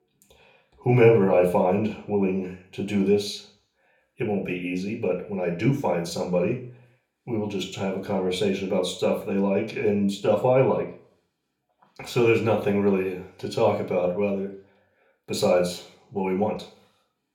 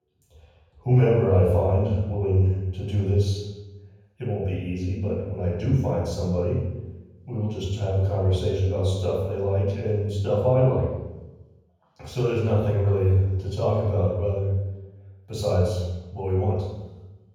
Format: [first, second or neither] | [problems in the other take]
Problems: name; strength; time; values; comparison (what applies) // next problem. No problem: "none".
first | room echo; strong; dies away in 1.3 s; slight in the first // off-mic speech; far; far in the first